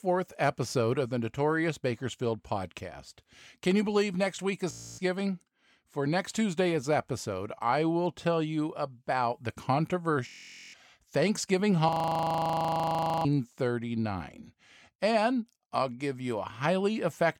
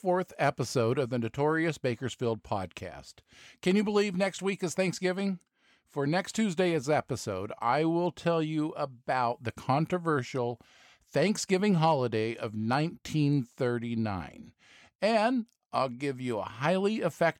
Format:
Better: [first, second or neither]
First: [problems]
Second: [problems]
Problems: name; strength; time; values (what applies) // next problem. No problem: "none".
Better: second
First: audio freezing; at 4.5 s, at 10 s and at 12 s for 1.5 s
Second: none